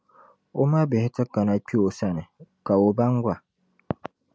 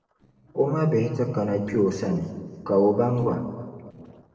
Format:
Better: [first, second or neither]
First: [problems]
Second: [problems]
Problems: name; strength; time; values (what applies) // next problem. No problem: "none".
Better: first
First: none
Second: noise reduction (neural separator model SepFormer DNS4)